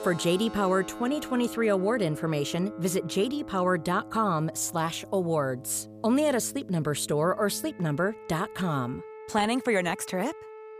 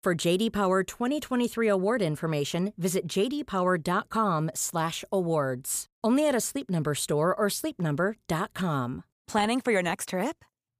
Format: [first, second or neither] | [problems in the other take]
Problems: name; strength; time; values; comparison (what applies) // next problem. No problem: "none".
second | background music; noticeable; throughout; 15 dB below the speech